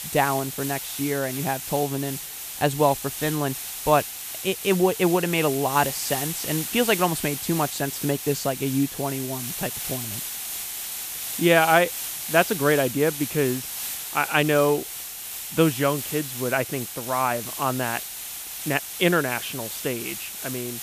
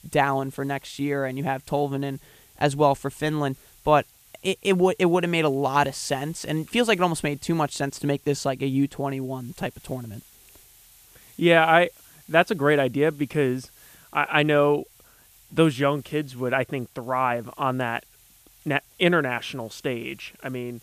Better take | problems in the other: second | hiss; loud; throughout; 6 dB below the speech; faint in the second

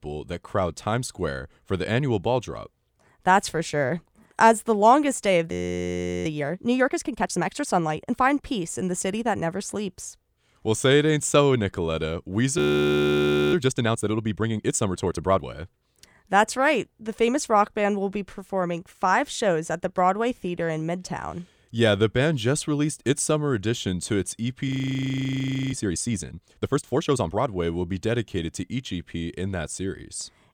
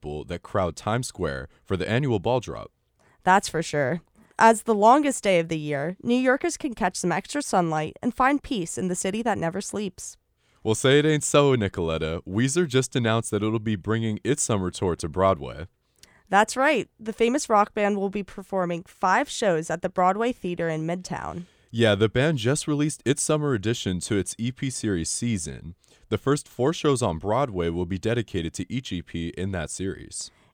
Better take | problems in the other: second | audio freezing; at 5.5 s for 0.5 s, at 13 s for 1 s and at 25 s for 1 s

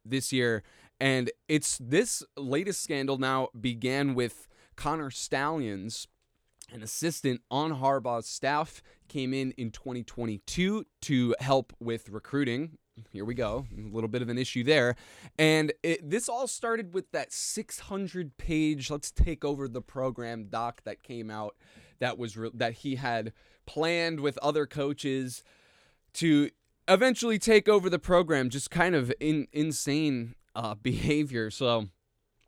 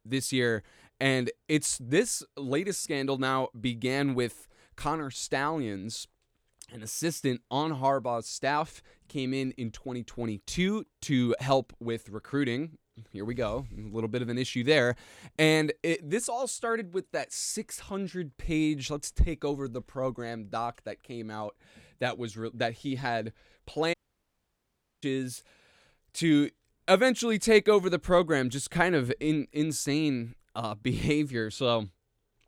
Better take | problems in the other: first | audio cutting out; at 24 s for 1 s

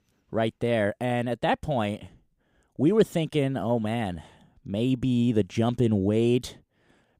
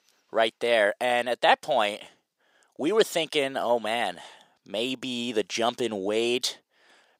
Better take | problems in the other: first | thin; very; fading below 600 Hz

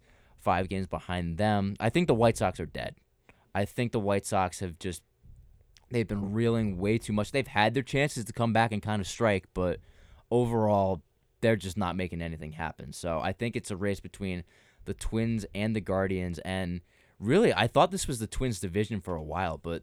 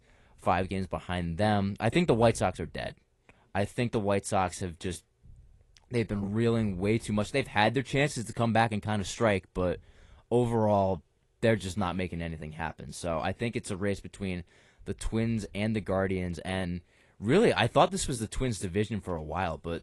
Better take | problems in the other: first | garbled, watery; slightly; nothing above 11 kHz

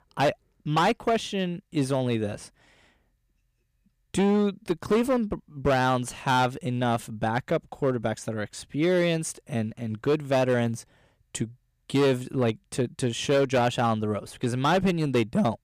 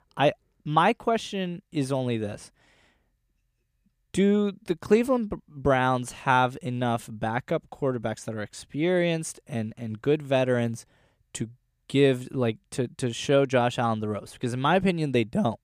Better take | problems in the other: second | distortion; slight; 6% of the sound clipped

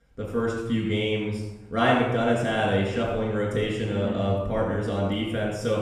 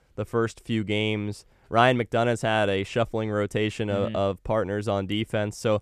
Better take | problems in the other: second | off-mic speech; far // room echo; noticeable; dies away in 0.9 s

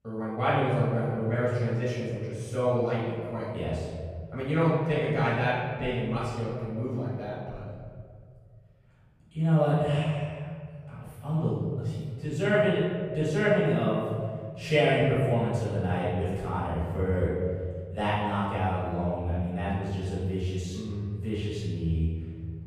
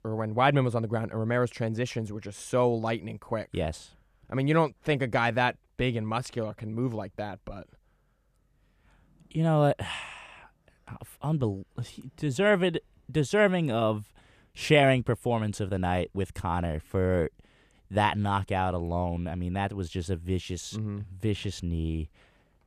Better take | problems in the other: second | room echo; strong; dies away in 2.2 s // off-mic speech; far

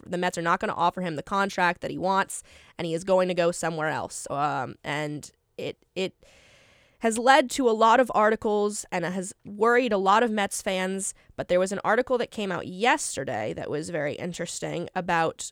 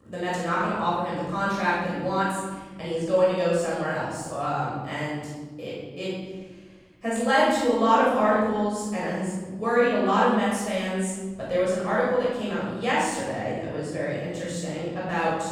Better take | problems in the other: first | room echo; strong; dies away in 1.5 s // off-mic speech; far

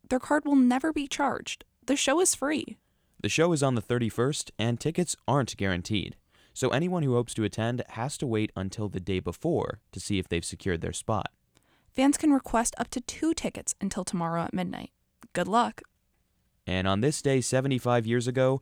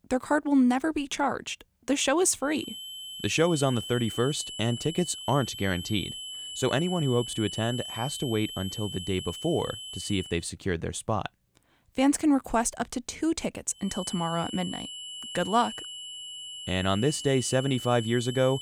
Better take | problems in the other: first | high-pitched whine; loud; from 2.5 to 10 s and from 14 s on; 3 kHz, 9 dB below the speech

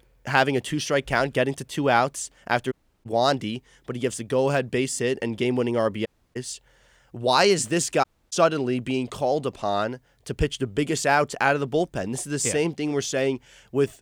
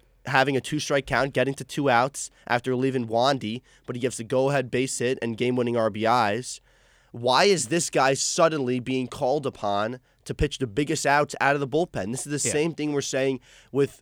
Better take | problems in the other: second | audio cutting out; at 2.5 s, at 6 s and at 8 s

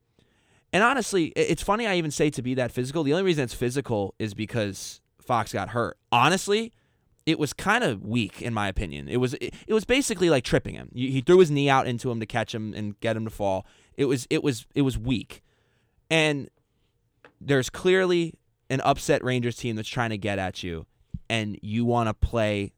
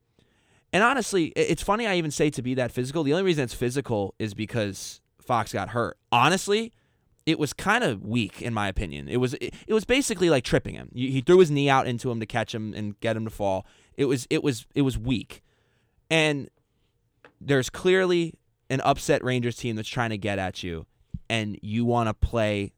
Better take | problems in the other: neither | none

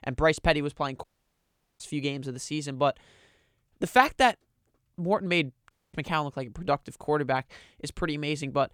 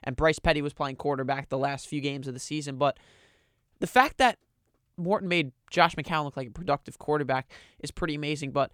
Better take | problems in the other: second | audio cutting out; at 1 s for 1 s and at 5.5 s

